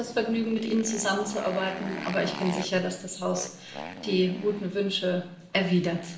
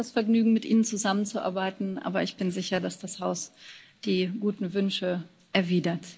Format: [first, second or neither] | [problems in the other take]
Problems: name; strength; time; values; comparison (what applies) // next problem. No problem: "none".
second | background sound (Motorcycle); 13 dB below the speech // room echo; dies away in 0.7 s